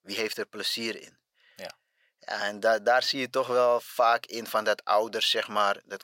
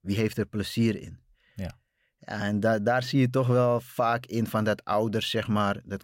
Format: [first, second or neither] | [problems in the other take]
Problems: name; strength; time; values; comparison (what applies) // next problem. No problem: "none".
second | thin; very; fading below 650 Hz